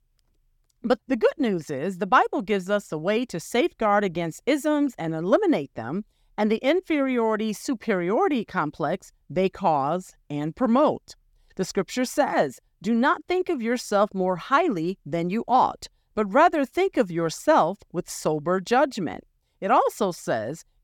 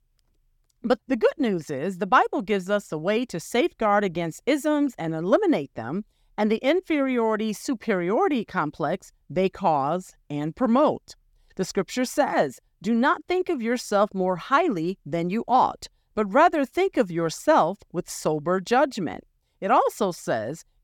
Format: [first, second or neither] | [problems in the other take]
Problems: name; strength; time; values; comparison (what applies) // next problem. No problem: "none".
neither | none